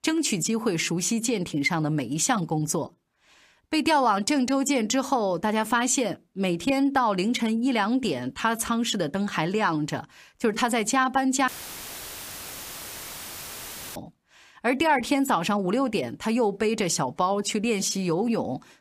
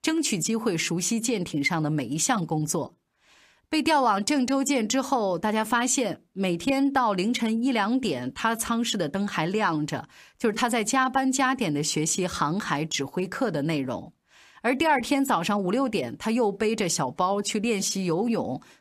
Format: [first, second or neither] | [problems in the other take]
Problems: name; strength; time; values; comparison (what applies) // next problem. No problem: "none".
second | audio cutting out; filled with static; at 11 s for 2.5 s